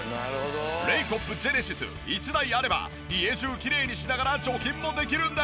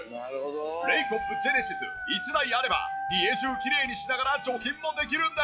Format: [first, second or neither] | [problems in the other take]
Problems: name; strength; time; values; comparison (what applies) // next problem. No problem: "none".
first | noise reduction (classical method log-MMSE)